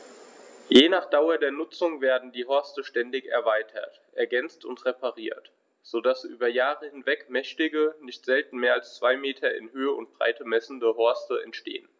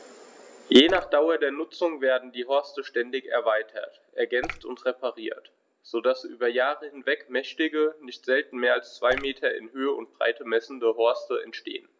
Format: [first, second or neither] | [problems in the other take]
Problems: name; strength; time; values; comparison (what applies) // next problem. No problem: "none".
first | background sound (Drip / Water); 10 dB below the speech